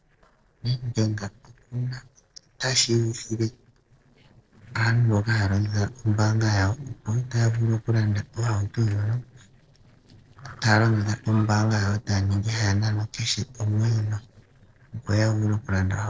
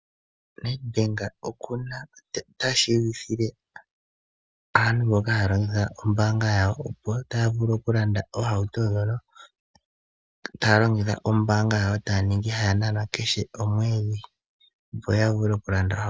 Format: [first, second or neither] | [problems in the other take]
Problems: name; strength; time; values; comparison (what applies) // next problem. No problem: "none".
second | noise reduction (neural separator model SepFormer DNS4)